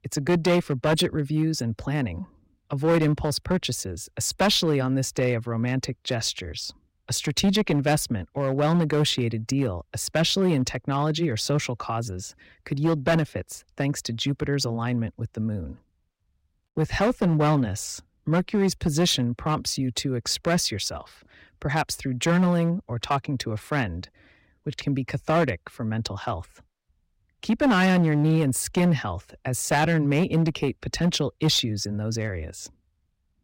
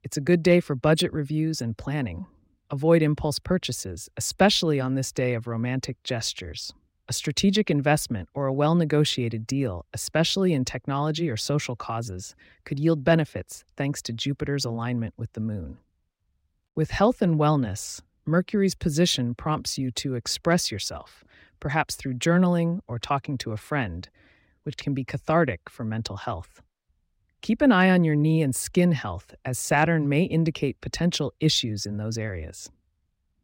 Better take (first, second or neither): second